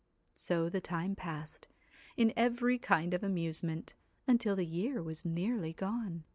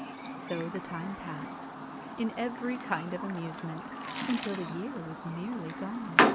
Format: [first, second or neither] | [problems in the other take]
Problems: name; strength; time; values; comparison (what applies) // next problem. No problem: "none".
first | background sound (Chirp, tweet); 3 dB above the speech